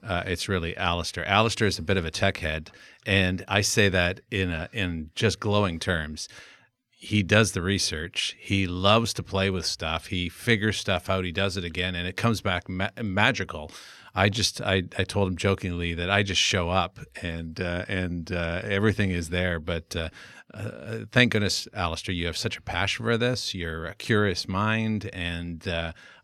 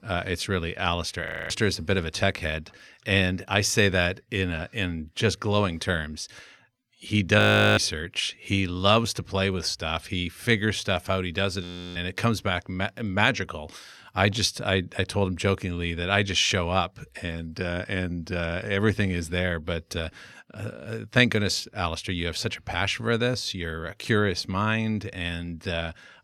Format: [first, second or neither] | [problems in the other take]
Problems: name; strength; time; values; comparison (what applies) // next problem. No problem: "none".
first | audio freezing; at 1.5 s, at 7.5 s and at 12 s